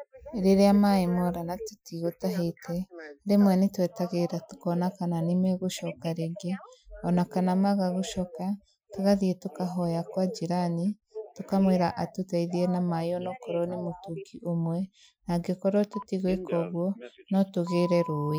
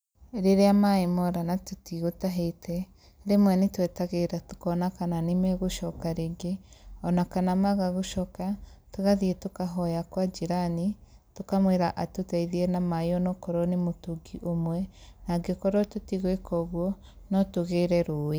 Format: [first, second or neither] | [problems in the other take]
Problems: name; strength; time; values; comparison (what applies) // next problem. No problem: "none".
second | noise reduction (classical method Wiener filter)